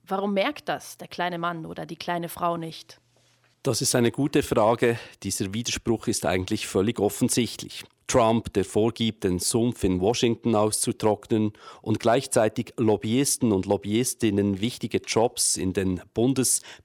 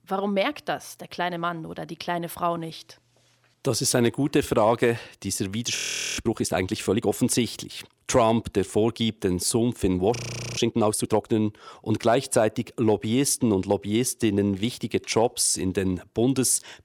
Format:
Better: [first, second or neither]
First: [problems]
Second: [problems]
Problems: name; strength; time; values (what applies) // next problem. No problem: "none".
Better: first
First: none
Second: audio freezing; at 6 s and at 10 s